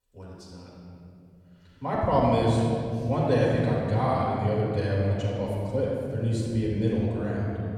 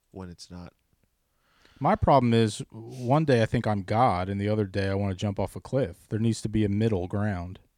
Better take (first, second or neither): second